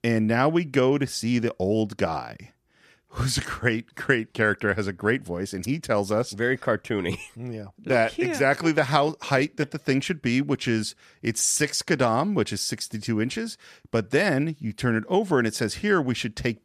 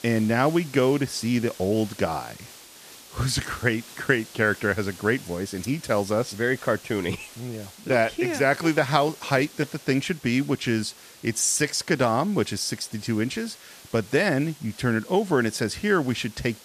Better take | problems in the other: first | hiss; noticeable; throughout; 20 dB below the speech

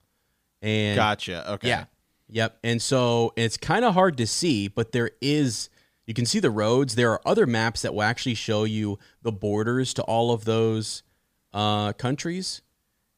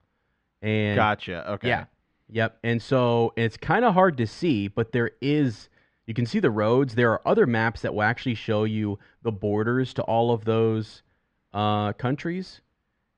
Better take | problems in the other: first | muffled; very; fading above 2 kHz

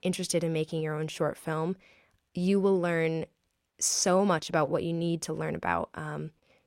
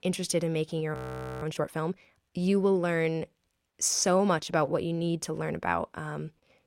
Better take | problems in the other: first | audio freezing; at 1 s

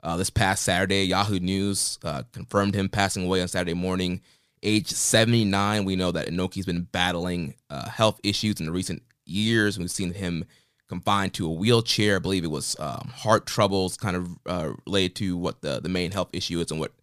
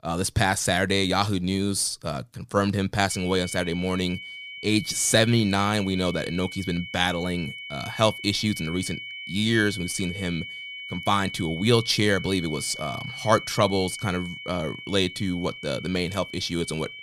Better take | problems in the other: first | high-pitched whine; noticeable; from 3 s on; 2 kHz, 10 dB below the speech

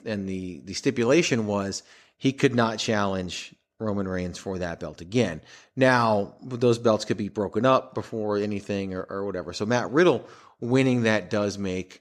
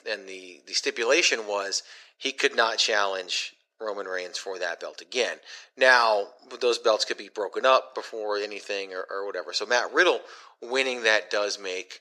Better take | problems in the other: first | thin; very; fading below 450 Hz

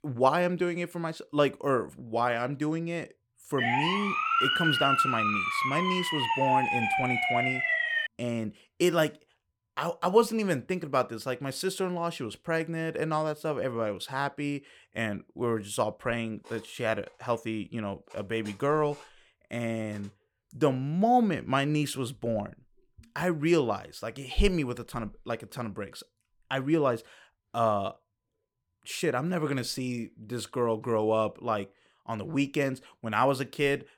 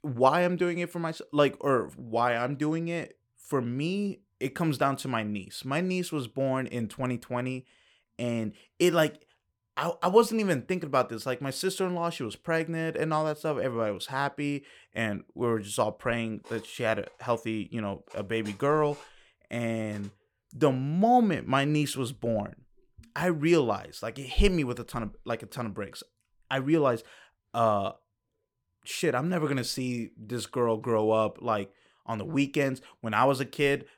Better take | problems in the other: second | siren; loud; from 3.5 to 8 s; peak 6 dB above the speech

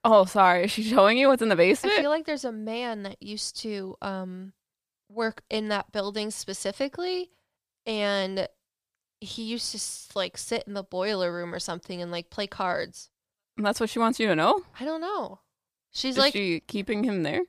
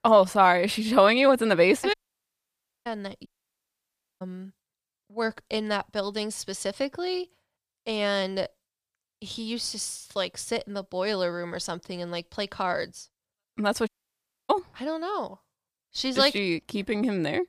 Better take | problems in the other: first | audio cutting out; at 2 s for 1 s, at 3.5 s for 1 s and at 14 s for 0.5 s

